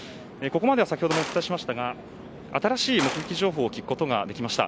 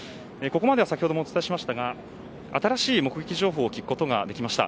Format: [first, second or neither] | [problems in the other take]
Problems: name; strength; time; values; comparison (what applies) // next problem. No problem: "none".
second | background sound (Gunshot, gunfire); 11 dB below the speech